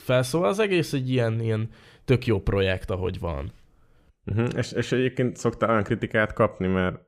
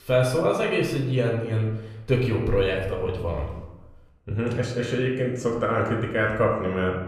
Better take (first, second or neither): first